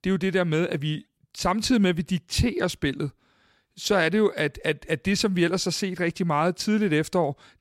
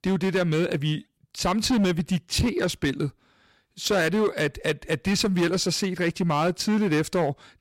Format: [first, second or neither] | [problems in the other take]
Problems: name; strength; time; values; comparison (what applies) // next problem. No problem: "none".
first | distortion; slight; 11% of the sound clipped